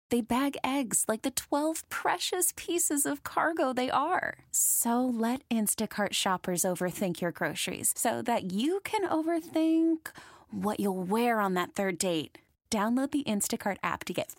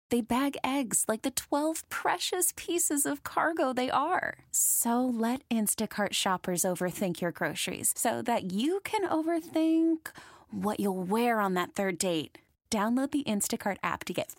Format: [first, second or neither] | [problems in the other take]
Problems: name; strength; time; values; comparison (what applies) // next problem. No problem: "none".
neither | none